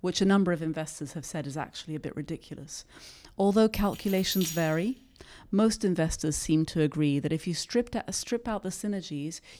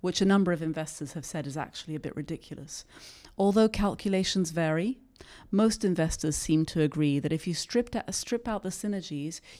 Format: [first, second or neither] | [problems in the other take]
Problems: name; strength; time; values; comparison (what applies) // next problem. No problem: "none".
second | jangling keys; noticeable; from 3.5 to 5 s; peak 6 dB below the speech